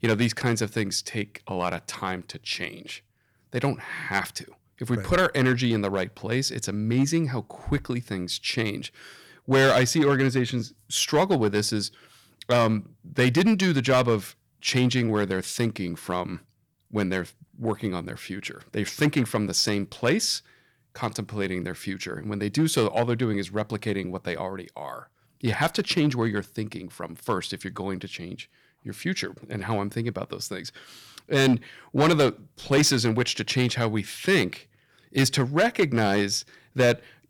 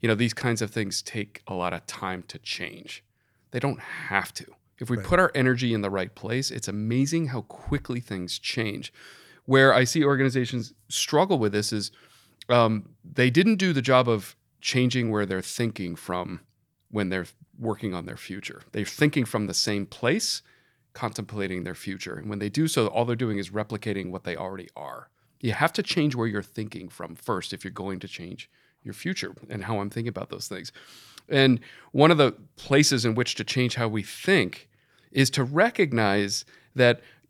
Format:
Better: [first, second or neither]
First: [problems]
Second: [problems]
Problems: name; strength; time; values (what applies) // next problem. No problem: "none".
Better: second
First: distortion; slight; 3% of the sound clipped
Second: none